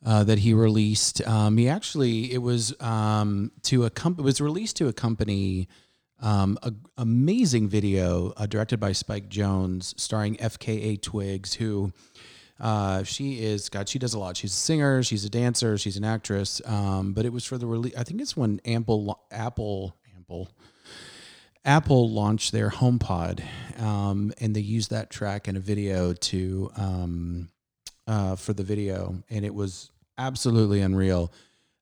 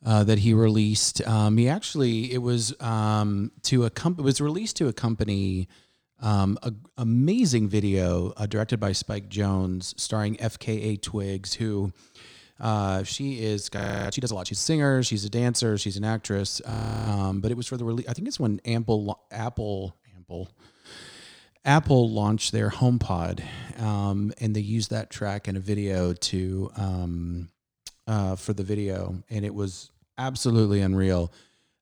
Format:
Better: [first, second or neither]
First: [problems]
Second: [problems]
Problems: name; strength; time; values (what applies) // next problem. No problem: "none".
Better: first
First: none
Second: audio freezing; at 14 s and at 17 s